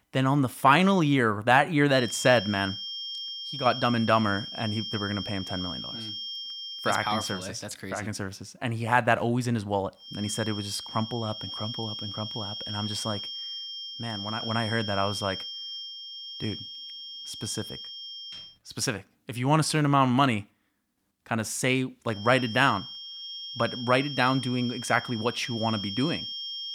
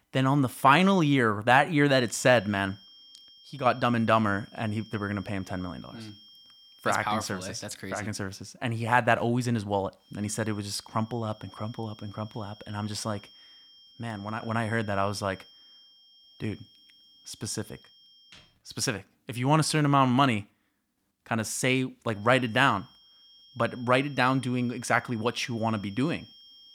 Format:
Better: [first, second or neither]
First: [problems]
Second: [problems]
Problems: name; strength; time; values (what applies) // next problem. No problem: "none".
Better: second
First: high-pitched whine; loud; from 2 to 7.5 s, from 10 to 18 s and from 22 s on; 3 kHz, 8 dB below the speech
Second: high-pitched whine; faint; from 2 to 7.5 s, from 10 to 18 s and from 22 s on; 3 kHz, 25 dB below the speech